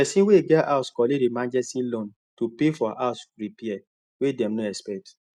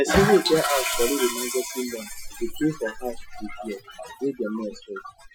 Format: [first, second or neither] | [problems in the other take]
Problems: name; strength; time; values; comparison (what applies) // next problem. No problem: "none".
first | noise reduction (classical method Wiener filter)